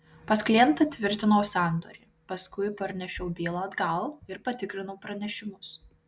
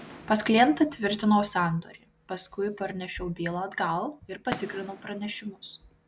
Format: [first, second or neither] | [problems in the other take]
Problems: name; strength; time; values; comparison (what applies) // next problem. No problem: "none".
first | background sound (Fireworks); 19 dB below the speech